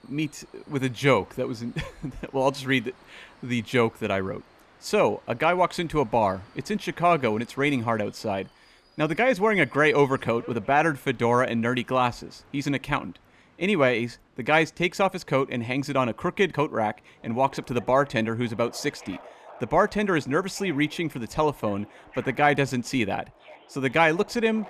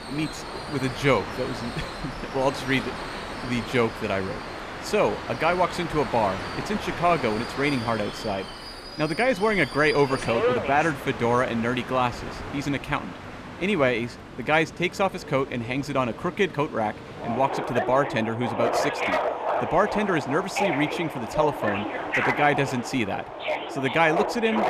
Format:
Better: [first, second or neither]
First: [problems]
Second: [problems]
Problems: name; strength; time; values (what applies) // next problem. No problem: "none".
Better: first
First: train or aircraft noise; faint; throughout; 25 dB below the speech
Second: train or aircraft noise; loud; throughout; 6 dB below the speech